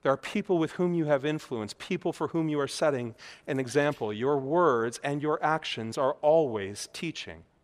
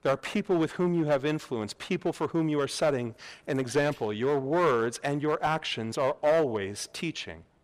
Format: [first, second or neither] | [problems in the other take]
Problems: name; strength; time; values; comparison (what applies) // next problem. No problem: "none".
first | distortion; slight; 4% of the sound clipped